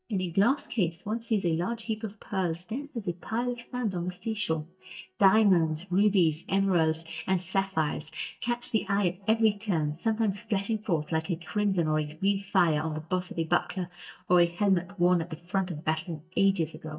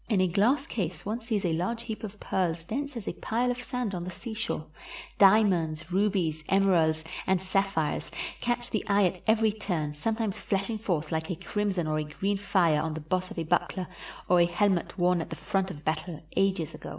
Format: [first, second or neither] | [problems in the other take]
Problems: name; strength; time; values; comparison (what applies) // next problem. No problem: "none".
second | noise reduction (neural mask model DeepFilterNet 3)